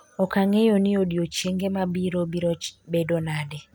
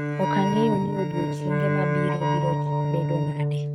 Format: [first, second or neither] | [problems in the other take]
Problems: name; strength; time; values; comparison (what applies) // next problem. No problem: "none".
first | noise reduction (neural mask model RNNoise)